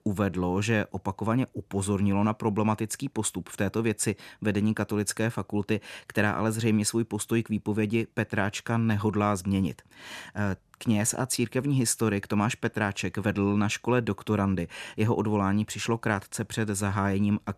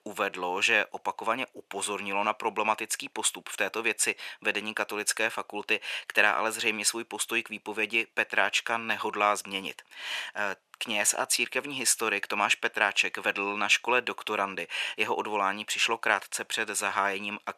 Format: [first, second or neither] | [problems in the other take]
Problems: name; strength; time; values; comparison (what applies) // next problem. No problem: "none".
first | thin; very; fading below 700 Hz